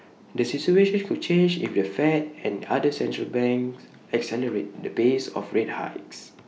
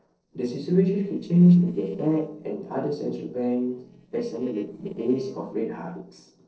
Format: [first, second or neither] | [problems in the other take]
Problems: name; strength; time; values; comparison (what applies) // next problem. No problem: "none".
first | noise reduction (neural separator model SepFormer DNS4)